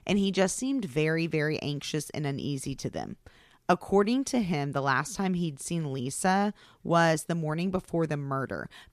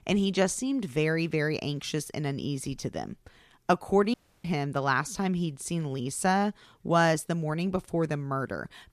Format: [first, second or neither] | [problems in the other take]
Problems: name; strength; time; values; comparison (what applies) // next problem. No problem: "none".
first | audio cutting out; at 4 s